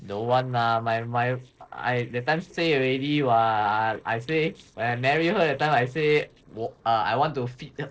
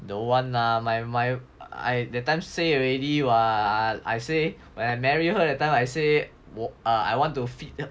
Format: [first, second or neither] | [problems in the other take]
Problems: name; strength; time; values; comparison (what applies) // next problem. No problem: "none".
second | noise reduction (neural separator model SepFormer DNS4)